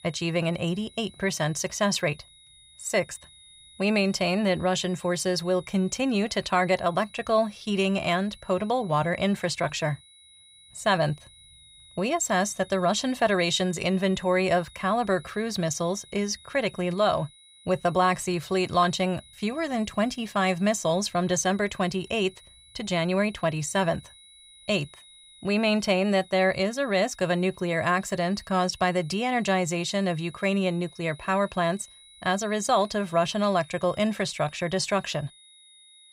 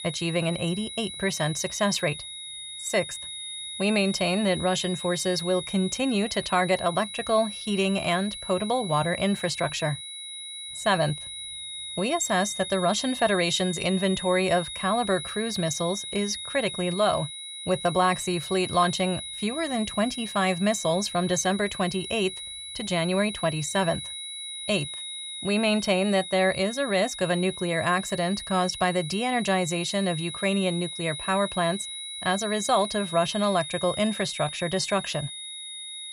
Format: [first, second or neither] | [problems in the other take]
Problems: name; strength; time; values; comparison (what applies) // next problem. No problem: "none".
first | high-pitched whine; loud; throughout; 4 kHz, 8 dB below the speech; faint in the first